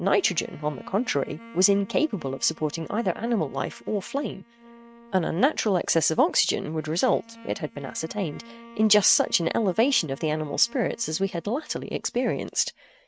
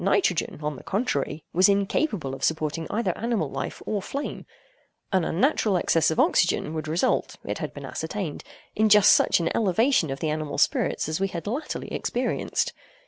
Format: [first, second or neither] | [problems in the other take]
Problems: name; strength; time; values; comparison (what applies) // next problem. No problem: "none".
second | noise reduction (neural mask model RNNoise)